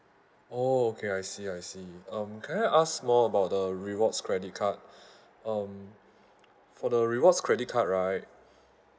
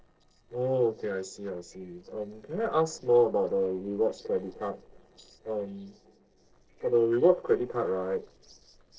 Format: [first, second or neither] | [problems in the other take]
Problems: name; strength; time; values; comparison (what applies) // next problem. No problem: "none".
first | noise reduction (neural separator model SepFormer DNS4)